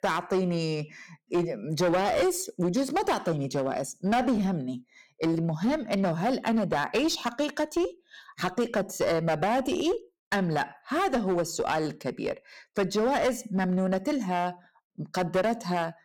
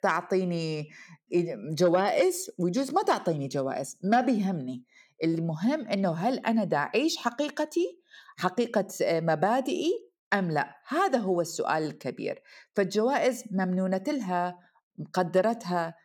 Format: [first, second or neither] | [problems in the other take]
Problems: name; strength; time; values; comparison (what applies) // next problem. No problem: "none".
second | distortion; slight; 11% of the sound clipped